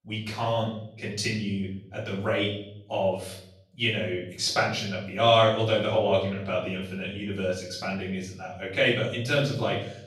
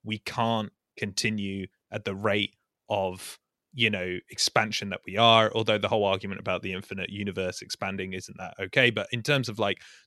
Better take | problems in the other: second | off-mic speech; far // room echo; noticeable; dies away in 0.7 s

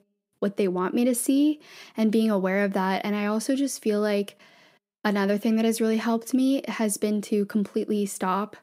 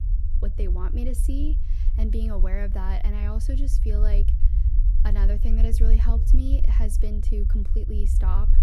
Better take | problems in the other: first | low rumble; loud; throughout; 6 dB below the speech

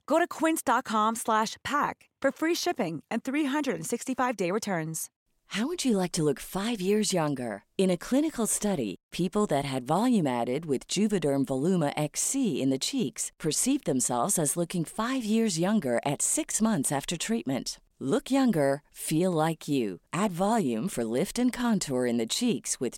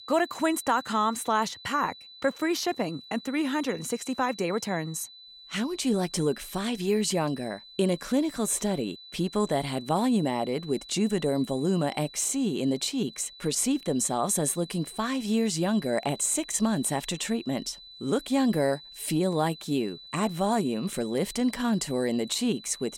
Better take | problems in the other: first | high-pitched whine; noticeable; throughout; 4 kHz, 15 dB below the speech

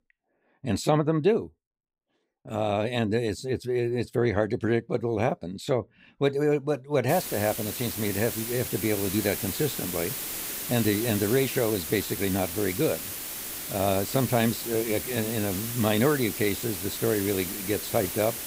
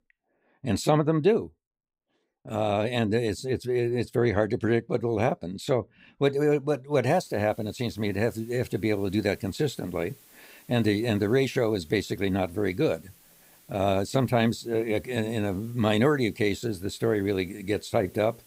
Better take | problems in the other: second | hiss; loud; from 7 s on; 5 dB below the speech; faint in the second

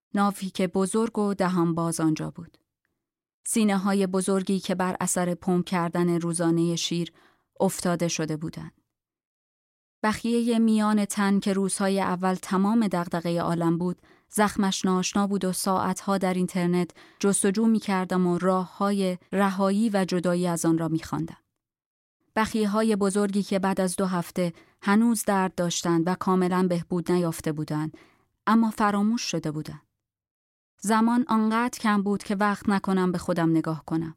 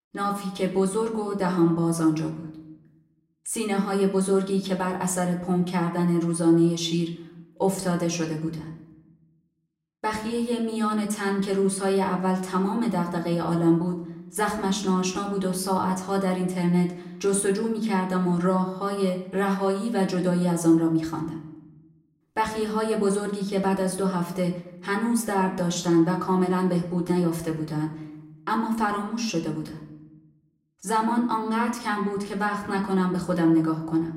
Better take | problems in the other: first | room echo; slight; dies away in 0.6 s // off-mic speech; somewhat distant

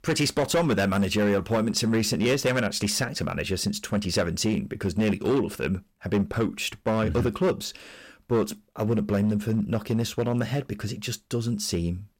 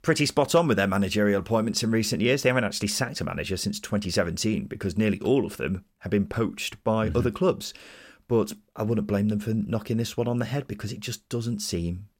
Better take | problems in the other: second | distortion; slight; 7% of the sound clipped

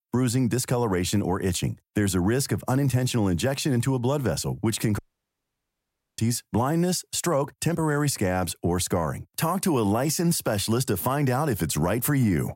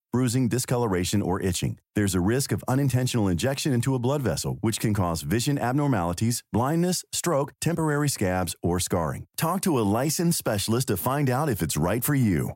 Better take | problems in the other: second | audio cutting out; at 5 s for 1 s

